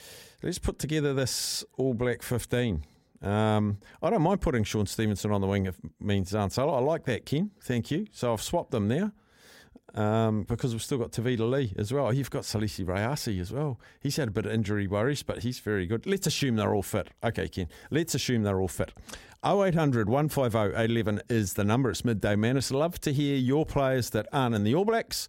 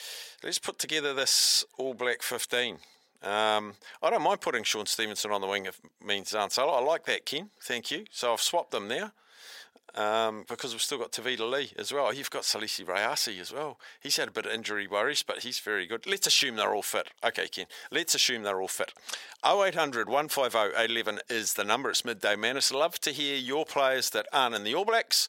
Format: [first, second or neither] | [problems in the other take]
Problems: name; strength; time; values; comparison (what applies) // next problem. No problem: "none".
first | thin; very; fading below 650 Hz